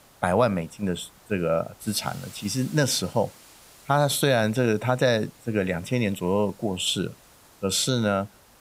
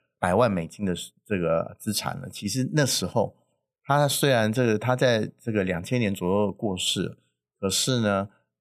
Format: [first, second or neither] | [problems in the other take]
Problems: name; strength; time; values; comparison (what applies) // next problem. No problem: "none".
second | hiss; faint; throughout; 25 dB below the speech